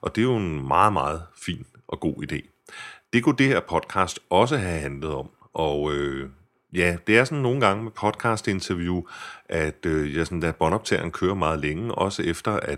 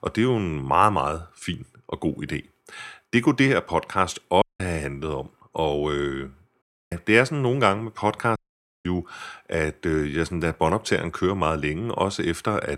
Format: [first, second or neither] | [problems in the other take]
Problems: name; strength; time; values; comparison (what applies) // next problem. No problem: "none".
first | audio cutting out; at 4.5 s, at 6.5 s and at 8.5 s